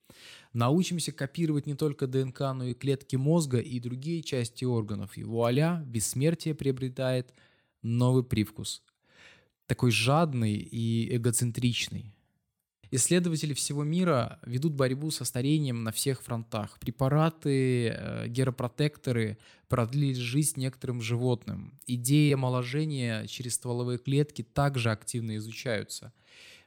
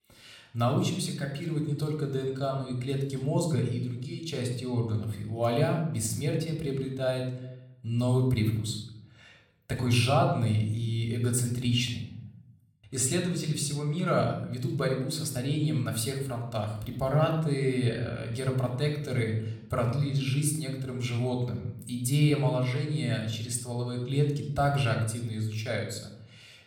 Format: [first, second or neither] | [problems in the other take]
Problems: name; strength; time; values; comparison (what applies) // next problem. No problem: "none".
first | room echo; slight; dies away in 0.6 s // off-mic speech; somewhat distant